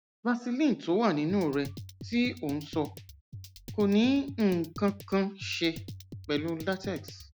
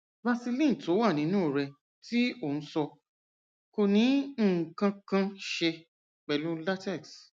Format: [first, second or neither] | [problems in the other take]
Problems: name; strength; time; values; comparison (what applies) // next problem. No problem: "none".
second | background sound (Drum kit); 14 dB below the speech